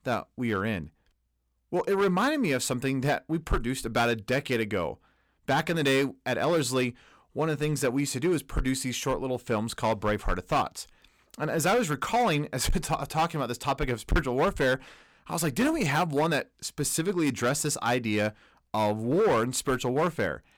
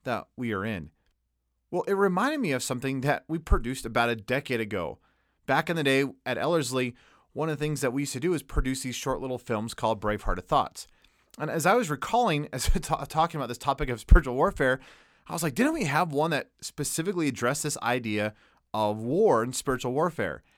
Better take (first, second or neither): second